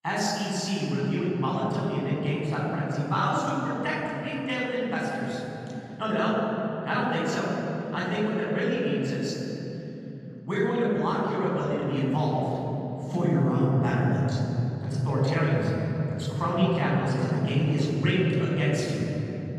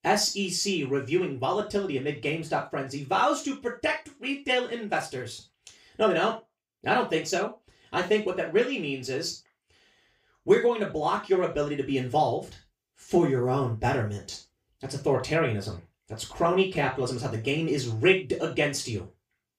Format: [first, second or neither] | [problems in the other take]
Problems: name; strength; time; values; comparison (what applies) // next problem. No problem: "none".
second | room echo; strong; dies away in 3 s; slight in the second // off-mic speech; far; far in the second